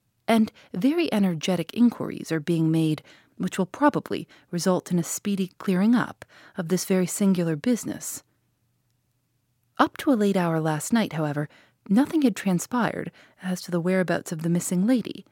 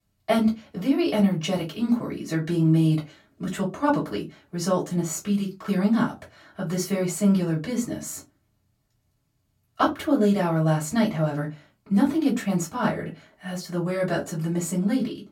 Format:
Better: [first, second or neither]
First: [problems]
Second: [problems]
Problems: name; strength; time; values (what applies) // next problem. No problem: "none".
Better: first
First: none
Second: off-mic speech; far // room echo; very slight; dies away in 0.2 s